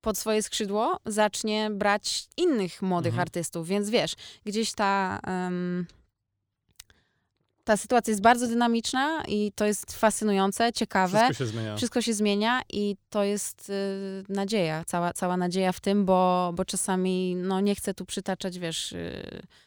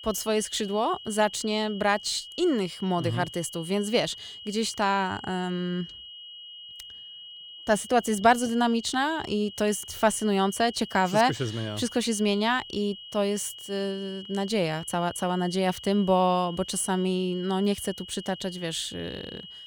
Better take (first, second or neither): first